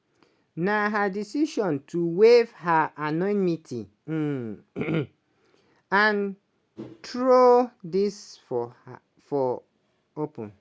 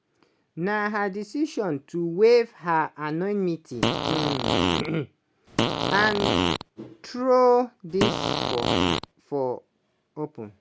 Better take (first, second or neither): first